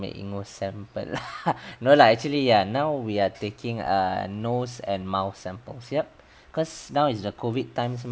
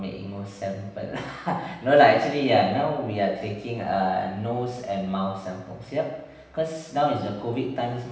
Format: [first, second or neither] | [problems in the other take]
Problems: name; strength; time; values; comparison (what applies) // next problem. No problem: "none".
first | room echo; dies away in 0.9 s